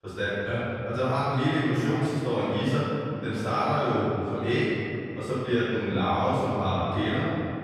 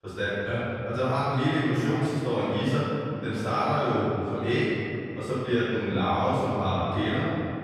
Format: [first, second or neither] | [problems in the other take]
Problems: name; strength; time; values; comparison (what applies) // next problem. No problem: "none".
neither | off-mic speech; far; the same in both // room echo; strong; dies away in 2.8 s; the same in both